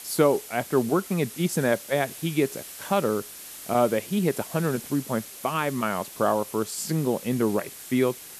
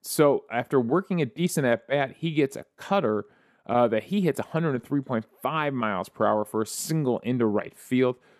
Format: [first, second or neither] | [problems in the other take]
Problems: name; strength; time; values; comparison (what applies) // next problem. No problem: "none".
second | hiss; noticeable; throughout; 15 dB below the speech